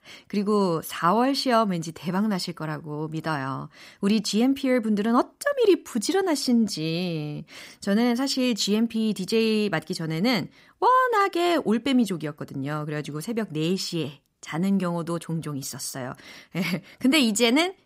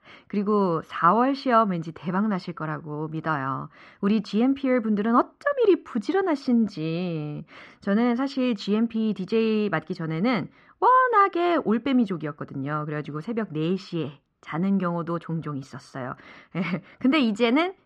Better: first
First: none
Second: muffled; very; fading above 2.5 kHz

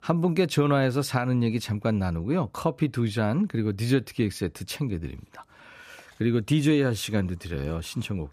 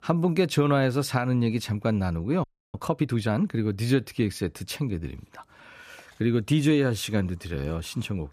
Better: first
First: none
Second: audio freezing; at 2.5 s

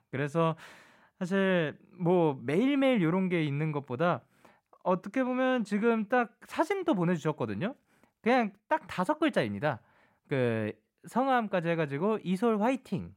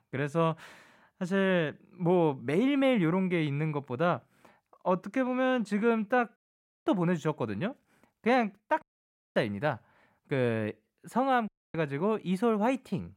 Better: first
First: none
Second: audio cutting out; at 6.5 s for 0.5 s, at 9 s for 0.5 s and at 11 s

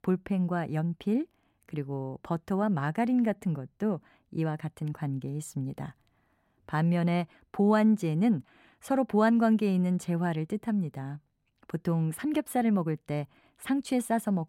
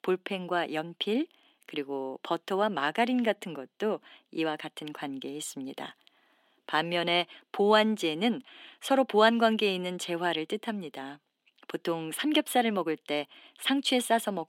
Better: first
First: none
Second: thin; somewhat; fading below 300 Hz

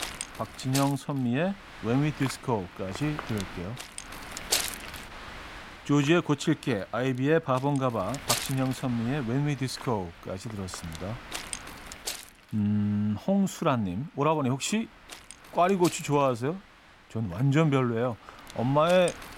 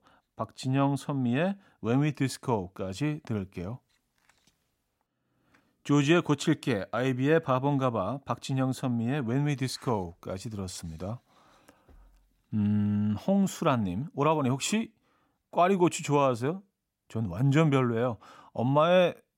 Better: second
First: wind noise on the microphone; heavy; 8 dB below the speech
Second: none

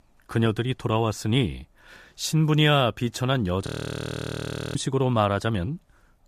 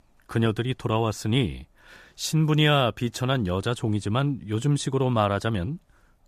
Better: second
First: audio freezing; at 3.5 s for 1 s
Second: none

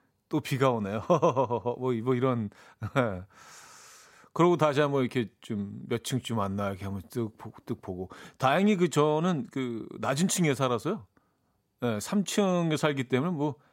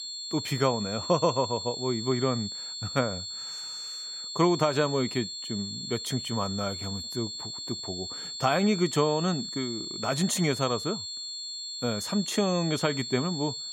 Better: first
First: none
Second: high-pitched whine; loud; throughout; 4.5 kHz, 5 dB below the speech

